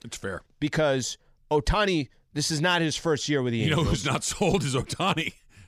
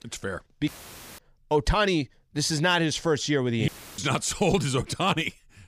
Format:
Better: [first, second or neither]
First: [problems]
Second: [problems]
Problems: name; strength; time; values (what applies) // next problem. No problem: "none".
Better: first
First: none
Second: audio cutting out; filled with static; at 0.5 s for 0.5 s and at 3.5 s